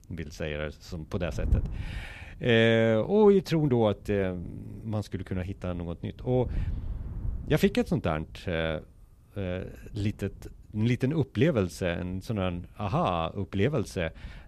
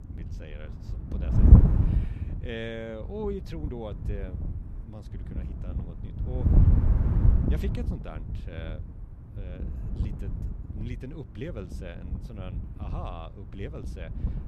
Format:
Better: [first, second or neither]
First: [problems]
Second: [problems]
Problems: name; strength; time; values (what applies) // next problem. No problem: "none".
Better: first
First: wind noise on the microphone; occasional gusts; 25 dB below the speech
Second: wind noise on the microphone; heavy; 2 dB above the speech